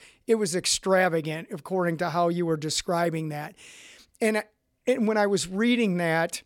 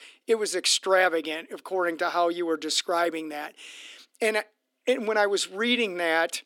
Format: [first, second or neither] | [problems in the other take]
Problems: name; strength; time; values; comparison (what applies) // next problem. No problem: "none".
first | thin; somewhat; fading below 250 Hz